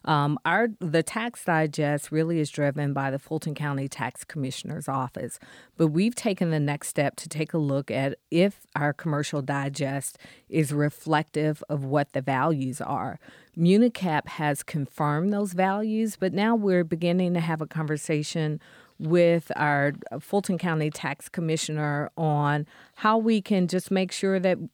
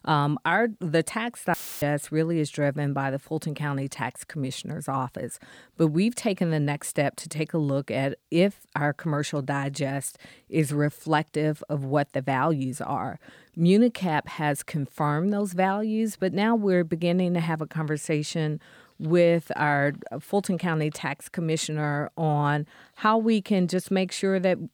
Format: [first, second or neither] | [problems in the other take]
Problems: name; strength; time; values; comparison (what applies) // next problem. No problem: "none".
first | audio cutting out; filled with static; at 1.5 s